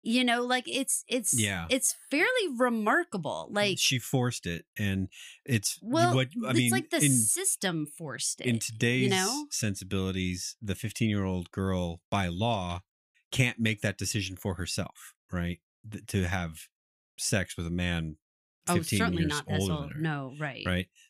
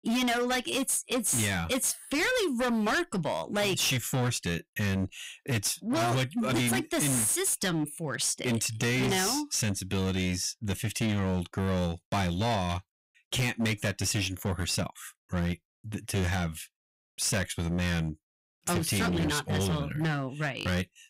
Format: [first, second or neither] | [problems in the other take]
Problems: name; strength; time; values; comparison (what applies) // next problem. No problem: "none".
first | distortion; heavy; 21% of the sound clipped